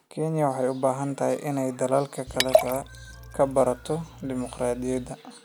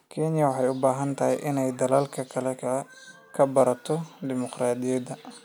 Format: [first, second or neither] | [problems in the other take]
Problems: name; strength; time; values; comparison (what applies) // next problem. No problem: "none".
second | background sound (Liquid); 3 dB below the speech